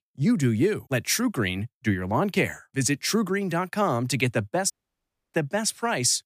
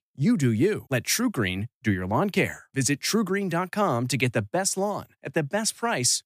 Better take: second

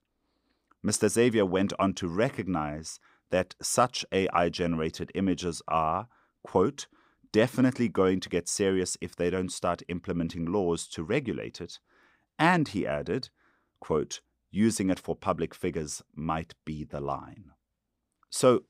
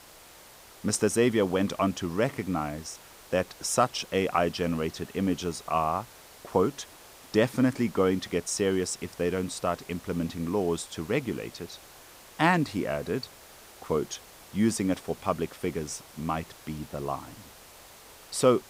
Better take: first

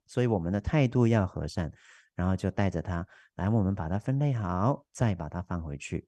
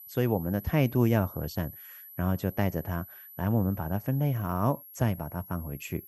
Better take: first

